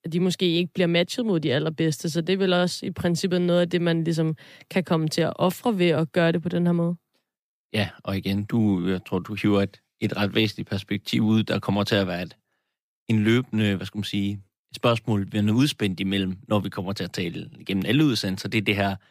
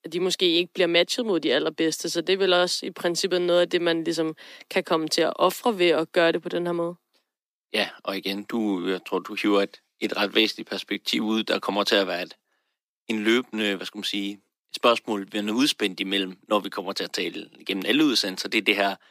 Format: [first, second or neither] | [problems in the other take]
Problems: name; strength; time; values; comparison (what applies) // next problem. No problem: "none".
first | thin; somewhat; fading below 250 Hz